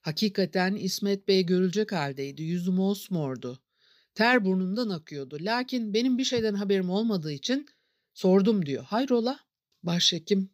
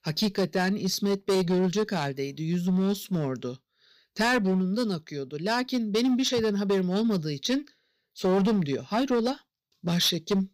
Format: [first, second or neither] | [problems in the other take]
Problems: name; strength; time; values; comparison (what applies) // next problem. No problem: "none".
first | distortion; slight; 9% of the sound clipped